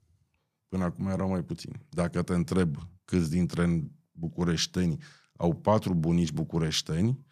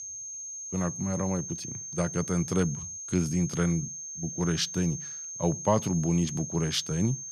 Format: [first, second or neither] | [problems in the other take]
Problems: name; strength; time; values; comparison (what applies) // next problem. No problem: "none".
first | high-pitched whine; loud; throughout; 6.5 kHz, 7 dB below the speech